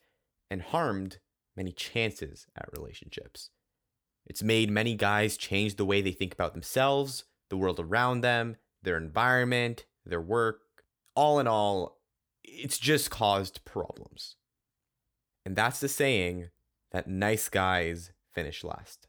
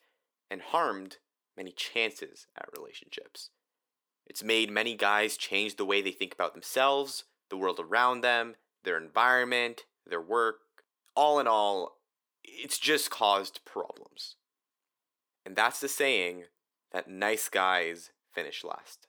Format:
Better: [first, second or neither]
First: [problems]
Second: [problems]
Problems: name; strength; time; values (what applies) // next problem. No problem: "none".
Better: first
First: none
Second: thin; somewhat; fading below 300 Hz